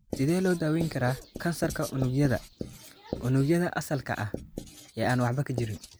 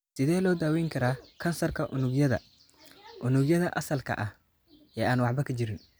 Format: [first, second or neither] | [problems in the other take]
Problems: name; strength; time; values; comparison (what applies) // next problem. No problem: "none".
second | background sound (Writing); 12 dB below the speech